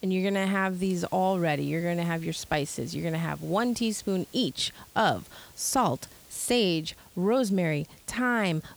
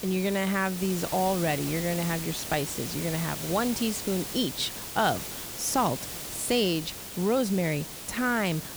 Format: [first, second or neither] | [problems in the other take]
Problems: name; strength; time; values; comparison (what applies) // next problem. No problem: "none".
first | hiss; loud; throughout; 7 dB below the speech; faint in the first